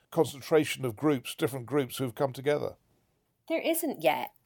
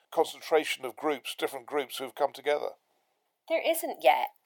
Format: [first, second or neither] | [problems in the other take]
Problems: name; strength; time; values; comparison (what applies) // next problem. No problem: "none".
first | thin; very; fading below 500 Hz